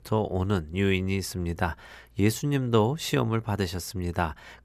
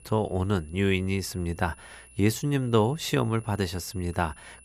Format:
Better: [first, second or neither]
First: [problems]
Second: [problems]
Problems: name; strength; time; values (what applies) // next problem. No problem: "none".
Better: first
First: none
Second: high-pitched whine; faint; throughout; 10 kHz, 25 dB below the speech